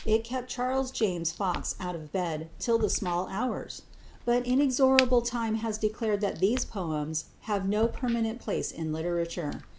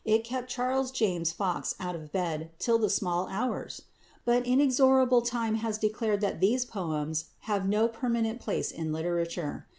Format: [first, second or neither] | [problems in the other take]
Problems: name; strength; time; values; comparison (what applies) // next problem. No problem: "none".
second | background sound (Crack); 10 dB below the speech